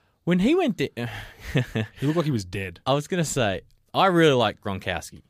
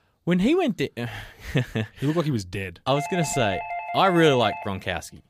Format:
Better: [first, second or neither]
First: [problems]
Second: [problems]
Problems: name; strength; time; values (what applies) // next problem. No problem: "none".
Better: first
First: none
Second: doorbell; noticeable; from 3 to 5 s; peak 7 dB below the speech